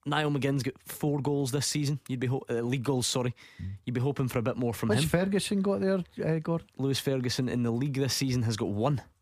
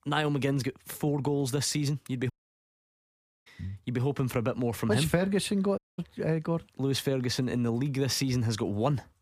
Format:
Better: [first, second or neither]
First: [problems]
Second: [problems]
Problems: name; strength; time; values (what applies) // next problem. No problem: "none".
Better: first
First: none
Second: audio cutting out; at 2.5 s for 1 s and at 6 s